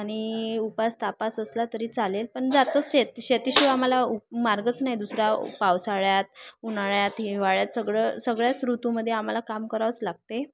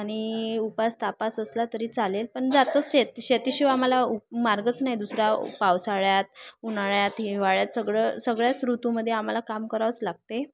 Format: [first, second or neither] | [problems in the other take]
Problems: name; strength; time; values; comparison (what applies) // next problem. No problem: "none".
second | background sound (Snare drum); 5 dB below the speech